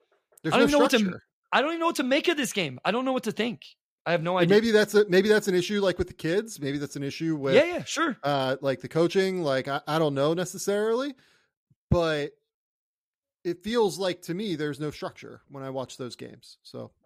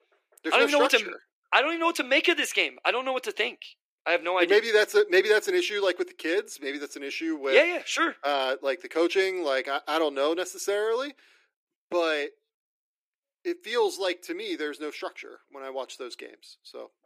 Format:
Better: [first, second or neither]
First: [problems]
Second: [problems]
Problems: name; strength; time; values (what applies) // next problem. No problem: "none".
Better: first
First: none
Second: thin; somewhat; fading below 300 Hz